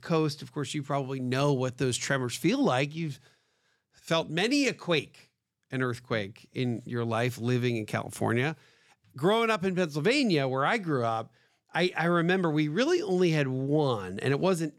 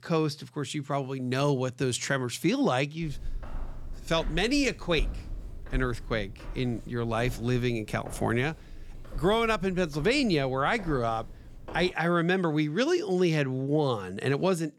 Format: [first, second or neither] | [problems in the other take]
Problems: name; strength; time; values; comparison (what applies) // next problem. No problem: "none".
first | footsteps; noticeable; from 3 to 12 s; peak 9 dB below the speech